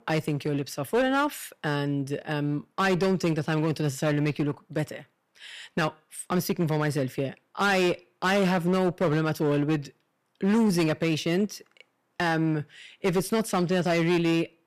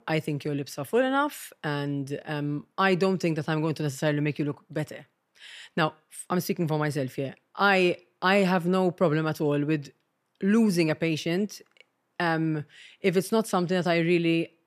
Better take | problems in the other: second | distortion; slight; 11% of the sound clipped

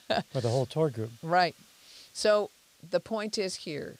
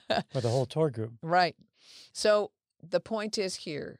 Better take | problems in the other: second | hiss; faint; throughout; 25 dB below the speech

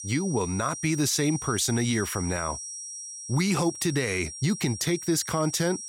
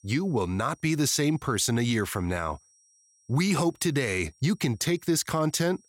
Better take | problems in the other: second | high-pitched whine; loud; throughout; 5.5 kHz, 9 dB below the speech; faint in the second

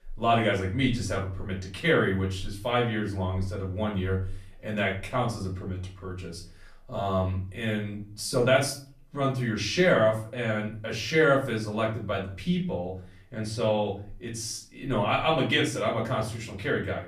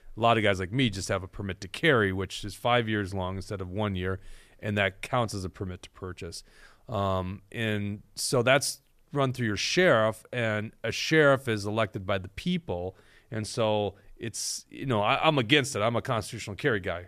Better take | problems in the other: second | off-mic speech; far // room echo; slight; dies away in 0.4 s

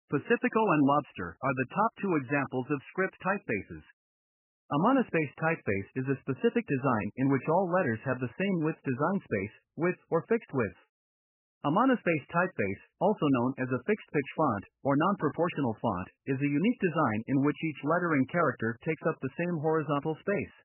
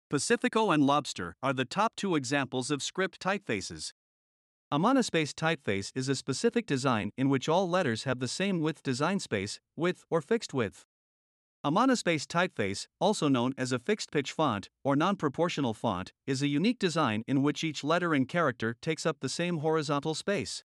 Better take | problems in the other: second | garbled, watery; badly; nothing above 3 kHz

